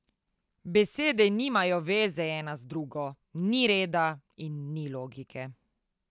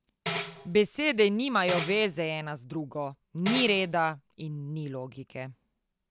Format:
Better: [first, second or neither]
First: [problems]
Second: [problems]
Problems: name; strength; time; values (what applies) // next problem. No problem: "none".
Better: first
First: none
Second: background sound (Tambourine); 10 dB below the speech